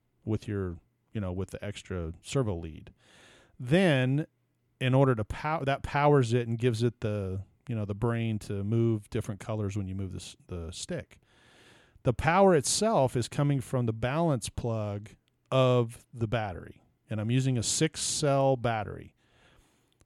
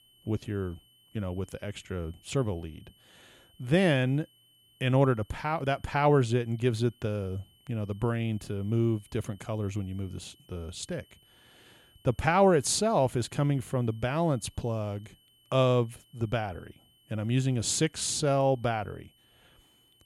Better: first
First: none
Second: high-pitched whine; faint; throughout; 3 kHz, 30 dB below the speech

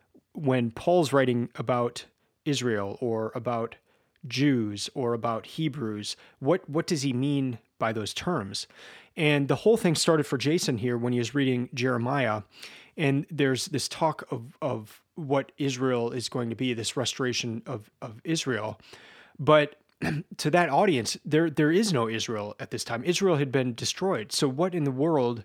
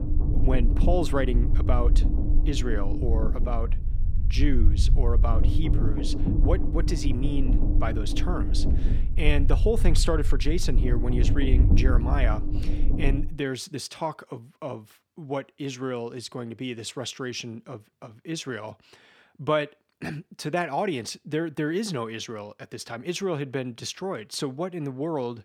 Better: first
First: none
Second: low rumble; loud; until 13 s; 8 dB below the speech

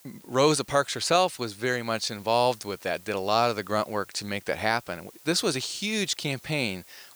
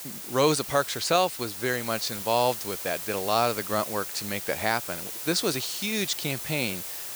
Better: first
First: hiss; faint; throughout; 25 dB below the speech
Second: hiss; loud; throughout; 6 dB below the speech

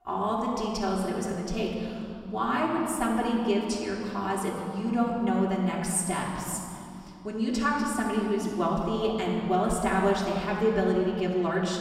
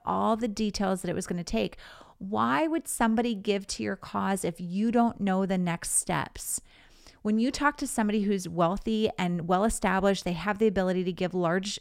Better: second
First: off-mic speech; far // room echo; noticeable; dies away in 2.2 s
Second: none

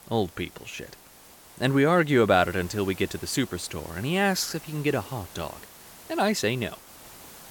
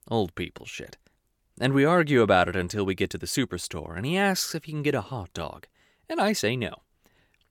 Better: second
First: hiss; noticeable; throughout; 20 dB below the speech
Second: none

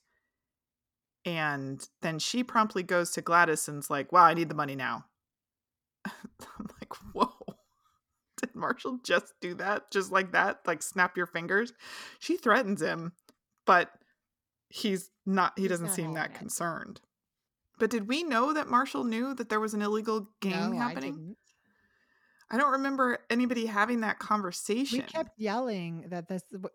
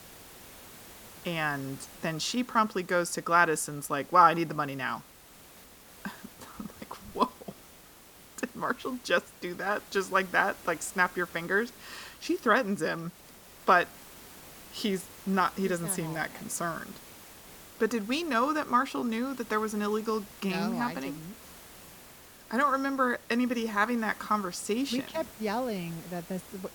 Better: first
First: none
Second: hiss; noticeable; throughout; 20 dB below the speech

